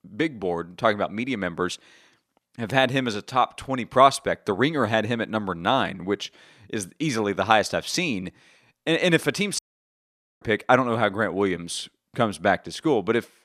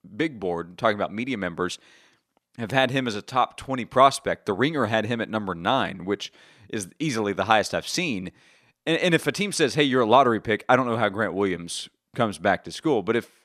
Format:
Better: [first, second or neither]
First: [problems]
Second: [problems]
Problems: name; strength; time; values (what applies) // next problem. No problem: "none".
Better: second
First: audio cutting out; at 9.5 s for 1 s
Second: none